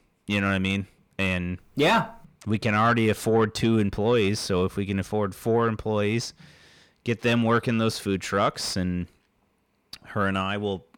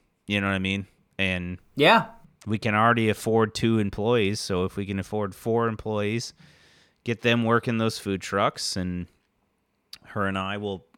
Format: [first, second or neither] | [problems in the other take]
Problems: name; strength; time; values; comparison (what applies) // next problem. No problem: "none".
second | distortion; slight; 10 dB below the speech